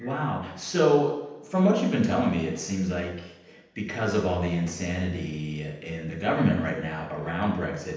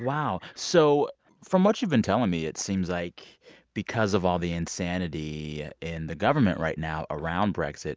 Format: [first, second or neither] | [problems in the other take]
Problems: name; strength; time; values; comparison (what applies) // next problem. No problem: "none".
second | room echo; dies away in 0.9 s